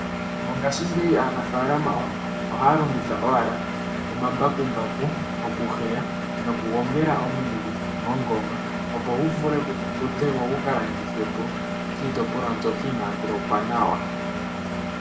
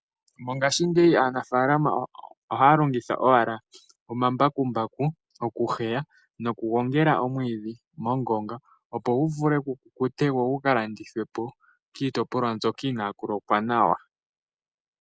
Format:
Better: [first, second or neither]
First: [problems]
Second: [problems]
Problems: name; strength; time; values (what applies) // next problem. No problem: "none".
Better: second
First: background sound (Engine); 2 dB below the speech // room echo; dies away in 0.6 s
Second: none